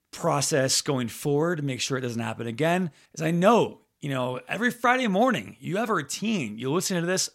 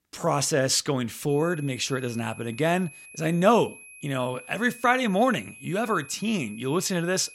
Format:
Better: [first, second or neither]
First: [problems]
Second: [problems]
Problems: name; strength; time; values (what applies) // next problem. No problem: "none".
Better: first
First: none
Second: high-pitched whine; noticeable; from 1.5 s on; 2.5 kHz, 20 dB below the speech